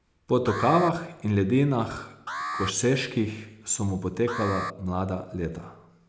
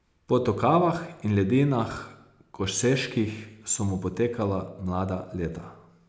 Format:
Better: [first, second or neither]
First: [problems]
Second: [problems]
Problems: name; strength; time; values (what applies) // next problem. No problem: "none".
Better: second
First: background sound (Alarm); 11 dB below the speech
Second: none